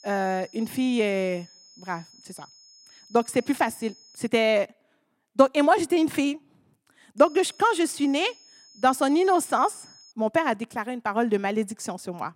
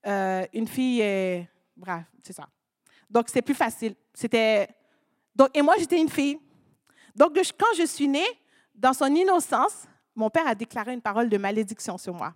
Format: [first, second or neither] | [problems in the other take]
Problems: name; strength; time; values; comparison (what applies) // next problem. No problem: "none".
second | high-pitched whine; faint; until 4.5 s and from 7 to 10 s; 5 kHz, 25 dB below the speech